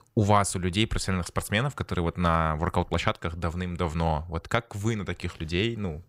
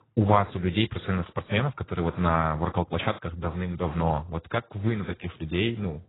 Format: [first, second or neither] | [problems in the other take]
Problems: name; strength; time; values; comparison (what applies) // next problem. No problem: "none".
first | garbled, watery; badly; nothing above 4 kHz